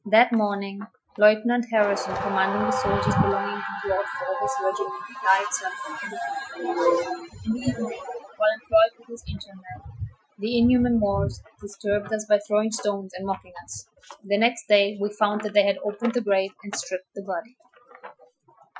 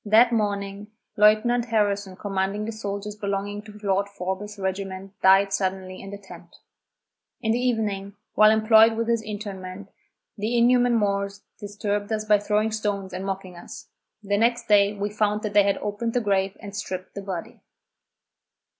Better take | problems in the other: second | noise reduction (classical method Wiener filter)

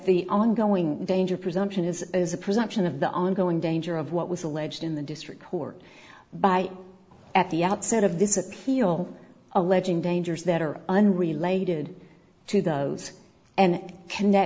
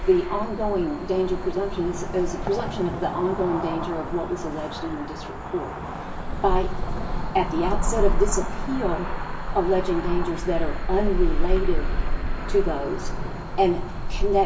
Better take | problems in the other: first | background sound (Cricket / Motor vehicle (road)); 1 dB above the speech // room echo; dies away in 0.2 s

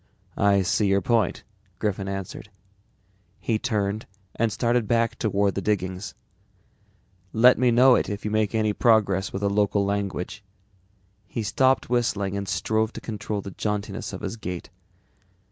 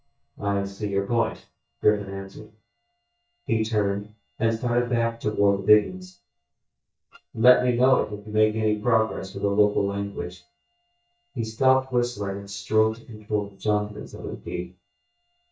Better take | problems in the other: first | noise reduction (neural mask model DeepFilterNet 3)

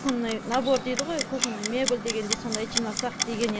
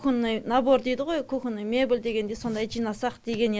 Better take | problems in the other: second | background sound (Clock); 4 dB below the speech

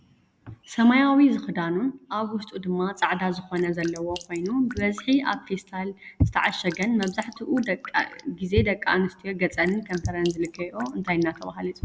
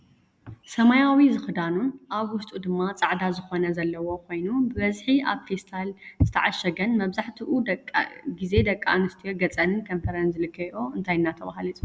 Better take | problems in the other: second | background sound (Drip); 20 dB below the speech

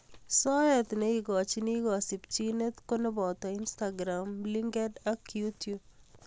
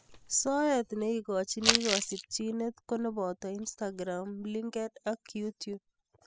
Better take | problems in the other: first | noise reduction (classical method spectral subtraction)

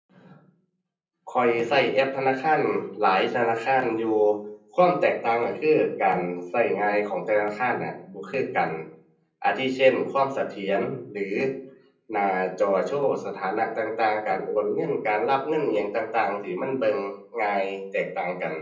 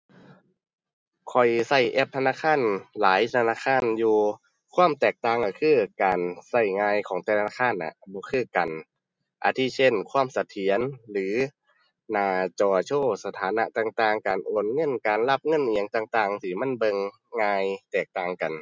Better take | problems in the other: second | room echo; dies away in 0.6 s

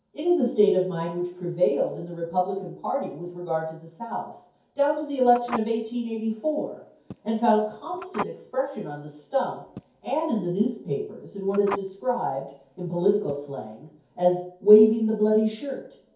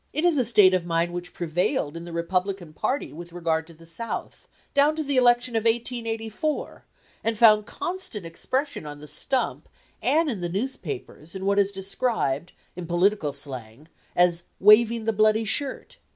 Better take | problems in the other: second | background sound (Telephone); 15 dB below the speech // room echo; dies away in 0.6 s

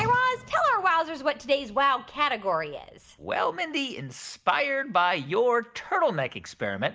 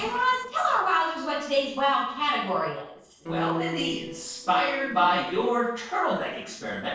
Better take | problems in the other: first | noise reduction (neural separator model SepFormer DNS4)

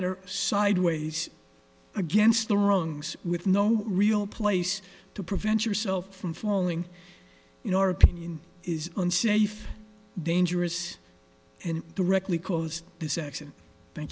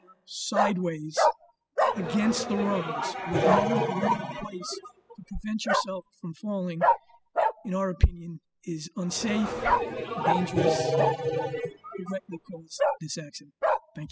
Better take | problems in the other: first | noise reduction (classical method spectral subtraction)

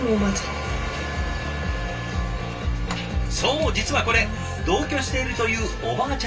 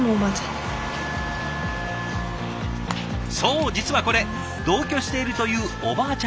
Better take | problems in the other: second | room echo; dies away in 0.2 s

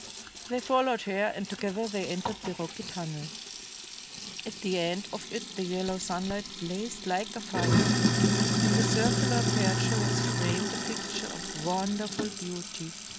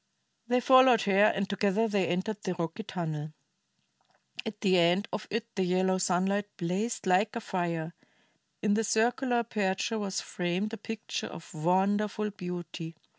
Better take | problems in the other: second | background sound (Sink (filling or washing)); 2 dB above the speech

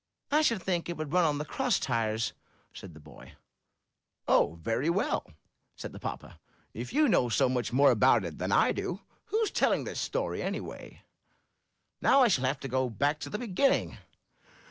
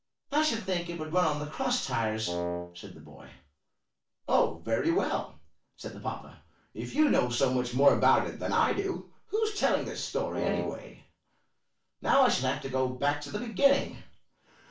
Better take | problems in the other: first | background sound (Wind instrument, woodwind instrument); 5 dB below the speech // room echo; dies away in 0.3 s

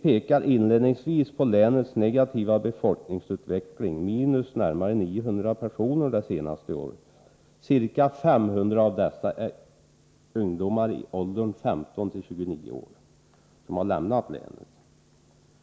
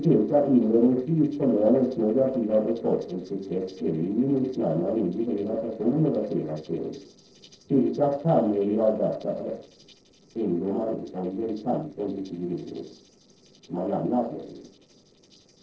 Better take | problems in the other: first | noise reduction (neural separator model SepFormer DNS4)

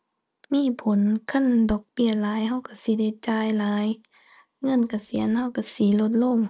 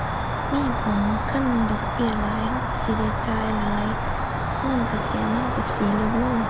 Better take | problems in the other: first | background sound (Cricket); 1 dB above the speech

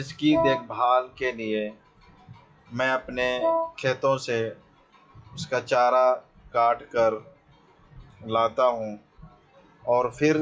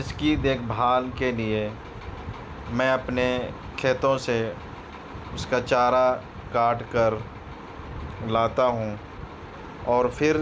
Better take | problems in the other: second | noise reduction (classical method WPE with log-MMSE)

